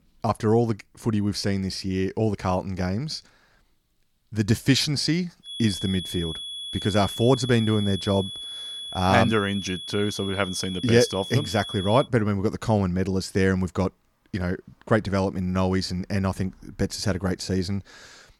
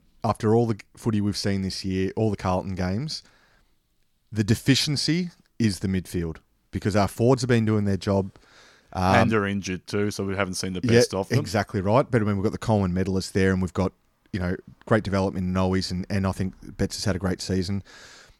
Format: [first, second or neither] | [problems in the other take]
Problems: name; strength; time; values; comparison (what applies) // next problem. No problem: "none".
second | high-pitched whine; loud; from 5.5 to 12 s; 3.5 kHz, 8 dB below the speech